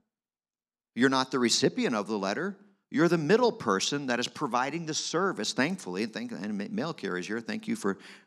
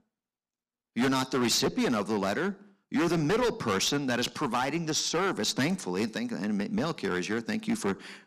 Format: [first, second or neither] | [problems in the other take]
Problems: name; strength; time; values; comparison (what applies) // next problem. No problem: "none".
first | distortion; heavy; 11% of the sound clipped